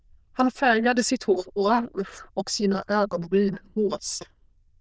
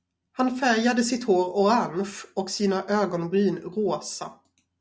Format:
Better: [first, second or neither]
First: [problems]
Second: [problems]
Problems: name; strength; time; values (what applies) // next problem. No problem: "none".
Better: second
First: noise reduction (neural diffusion model UNIVERSE++)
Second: none